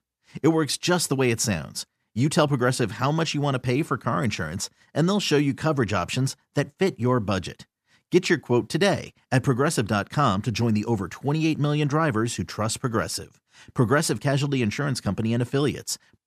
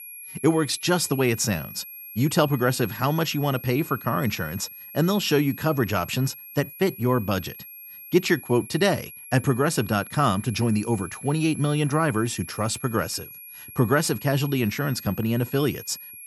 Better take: first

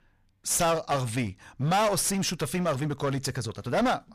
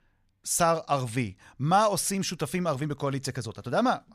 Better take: second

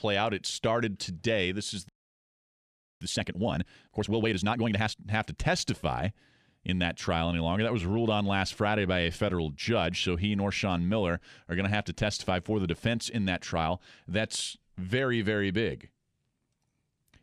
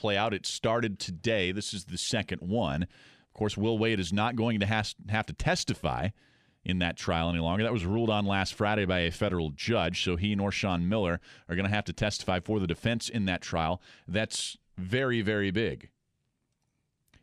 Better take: second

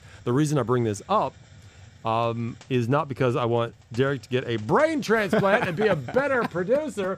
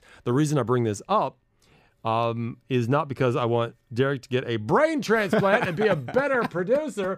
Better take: second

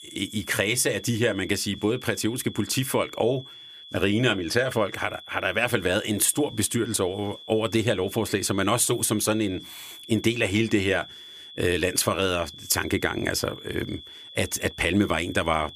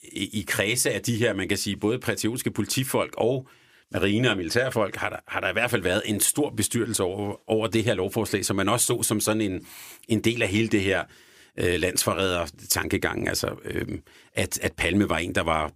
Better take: second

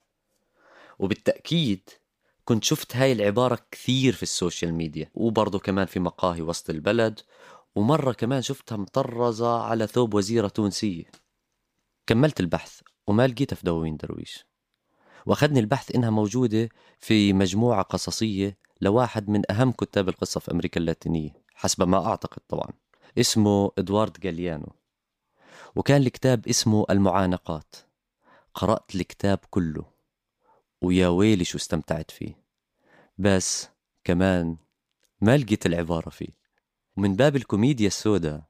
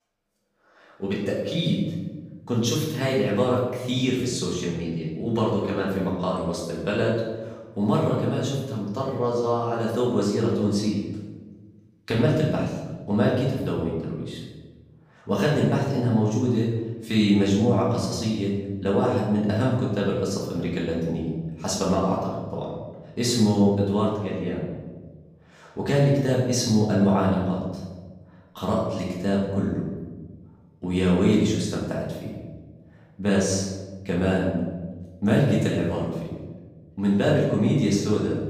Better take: first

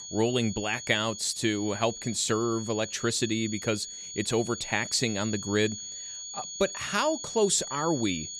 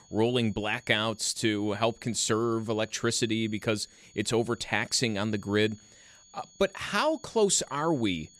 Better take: second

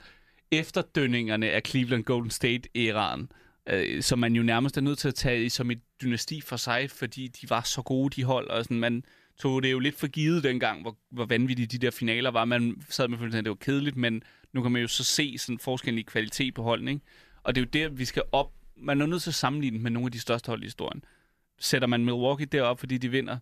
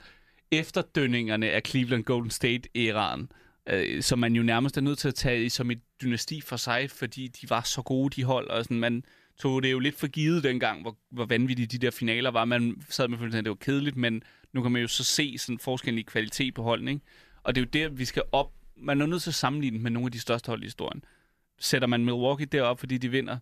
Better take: neither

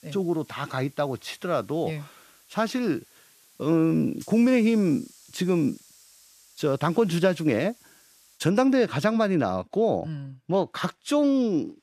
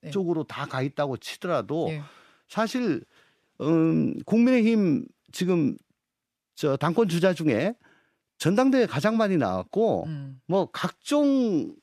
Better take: second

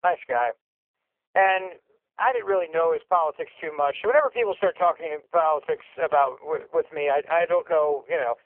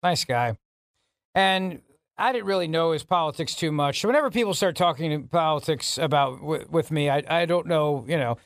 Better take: second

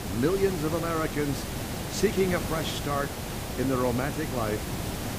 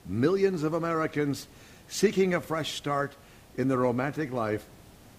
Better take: second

